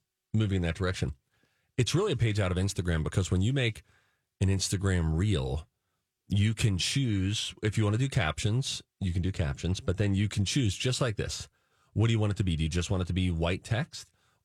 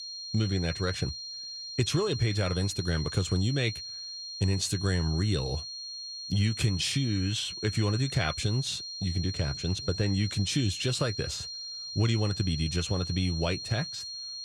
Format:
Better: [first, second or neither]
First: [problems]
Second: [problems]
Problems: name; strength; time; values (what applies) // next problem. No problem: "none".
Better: first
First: none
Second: high-pitched whine; loud; throughout; 4 kHz, 7 dB below the speech